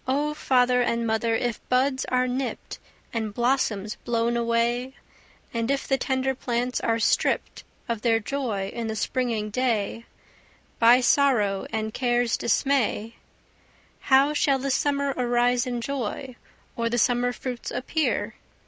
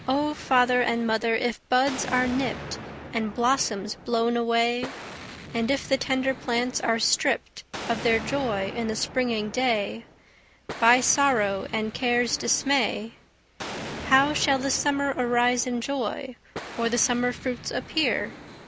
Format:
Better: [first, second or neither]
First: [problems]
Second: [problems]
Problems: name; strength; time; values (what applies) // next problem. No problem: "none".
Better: first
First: none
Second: background sound (Explosion); 14 dB below the speech